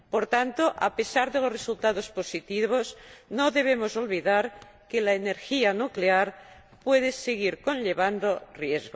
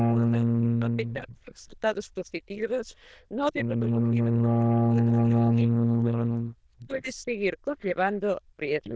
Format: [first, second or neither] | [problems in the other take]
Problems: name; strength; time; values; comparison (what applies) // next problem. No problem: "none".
first | noise reduction (neural diffusion model UNIVERSE++)